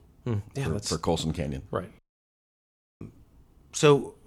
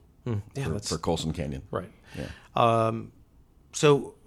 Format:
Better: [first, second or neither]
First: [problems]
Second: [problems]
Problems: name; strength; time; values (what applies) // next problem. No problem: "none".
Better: second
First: audio cutting out; at 2 s for 1 s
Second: none